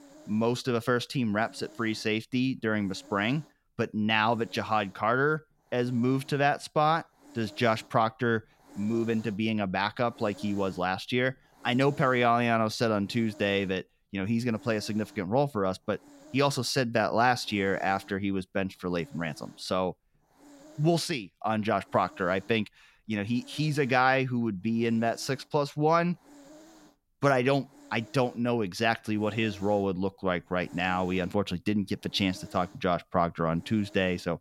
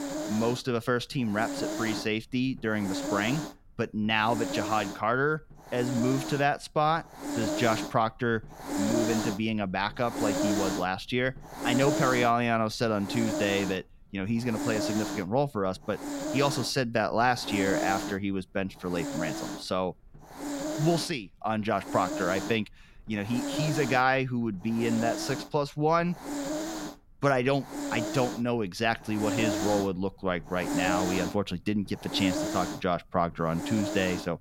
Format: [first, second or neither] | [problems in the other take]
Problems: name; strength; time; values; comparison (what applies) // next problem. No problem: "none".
first | hiss; loud; throughout; 5 dB below the speech; faint in the first